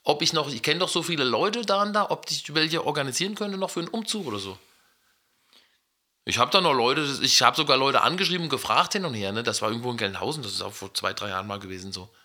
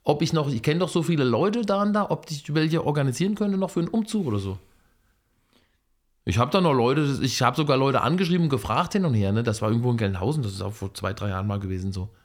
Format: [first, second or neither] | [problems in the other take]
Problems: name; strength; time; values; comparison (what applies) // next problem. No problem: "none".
second | thin; somewhat; fading below 900 Hz